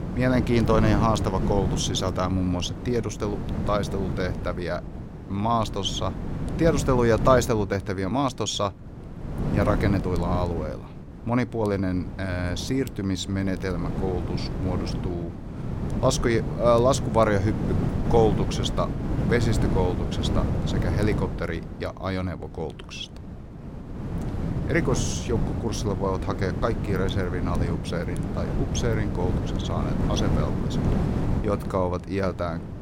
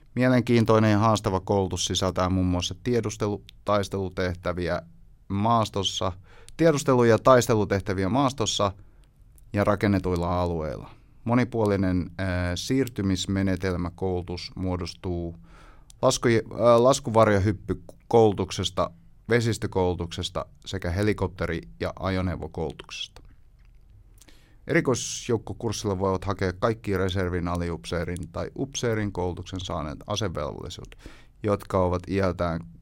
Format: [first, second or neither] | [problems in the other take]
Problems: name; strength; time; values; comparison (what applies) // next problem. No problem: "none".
second | wind noise on the microphone; heavy; 8 dB below the speech